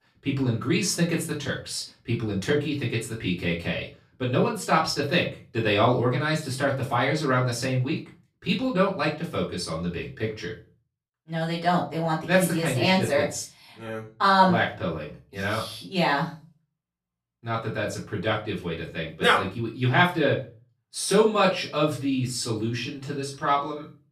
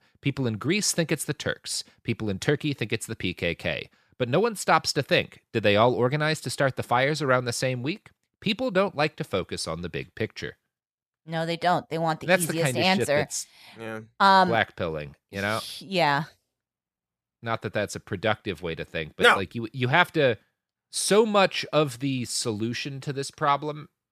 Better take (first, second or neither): second